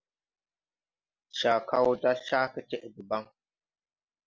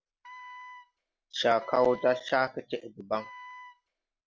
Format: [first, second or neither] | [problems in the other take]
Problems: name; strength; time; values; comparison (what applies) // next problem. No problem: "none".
first | background sound (Wind instrument, woodwind instrument); 18 dB below the speech